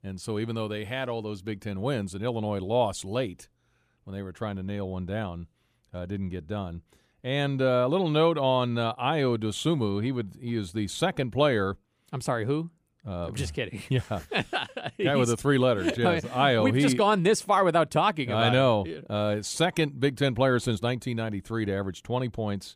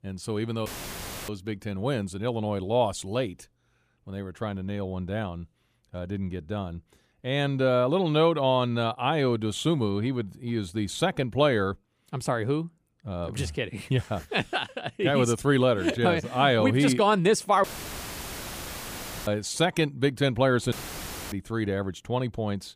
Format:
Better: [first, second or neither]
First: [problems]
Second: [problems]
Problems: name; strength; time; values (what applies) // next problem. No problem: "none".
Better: first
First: none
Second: audio cutting out; filled with static; at 0.5 s for 0.5 s, at 18 s for 1.5 s and at 21 s for 0.5 s